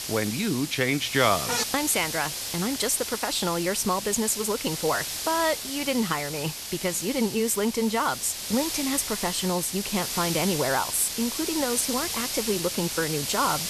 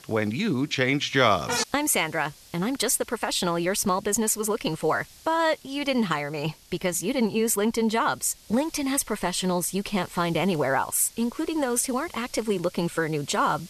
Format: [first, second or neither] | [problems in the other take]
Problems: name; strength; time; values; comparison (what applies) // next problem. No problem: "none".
second | hiss; loud; throughout; 4 dB below the speech; faint in the second